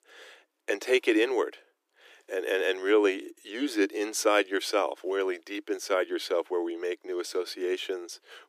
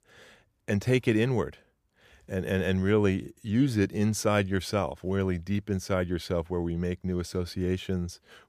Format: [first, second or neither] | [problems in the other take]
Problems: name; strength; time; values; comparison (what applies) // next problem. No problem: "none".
second | thin; very; fading below 300 Hz